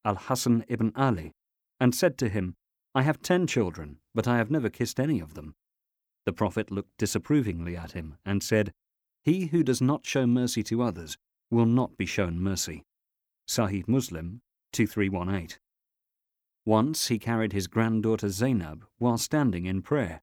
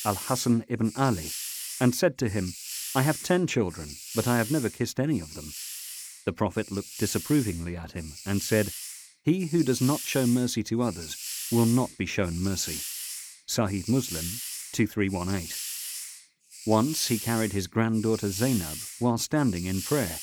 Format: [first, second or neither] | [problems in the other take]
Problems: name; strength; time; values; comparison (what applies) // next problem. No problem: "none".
first | hiss; loud; throughout; 8 dB below the speech